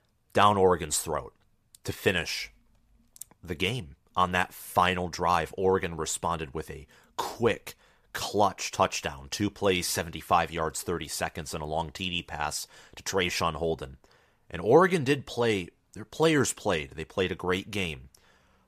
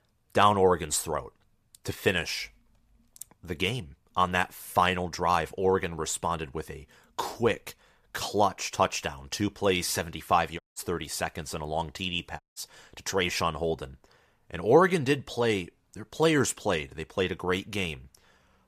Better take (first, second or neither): first